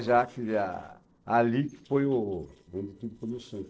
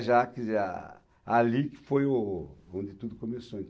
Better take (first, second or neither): second